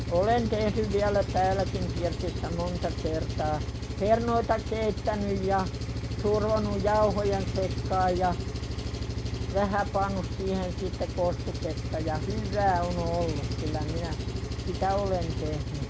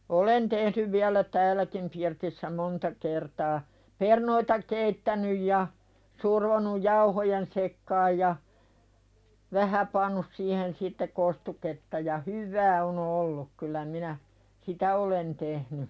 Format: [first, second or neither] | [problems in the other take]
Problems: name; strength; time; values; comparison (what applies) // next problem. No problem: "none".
second | background sound (Engine); 3 dB below the speech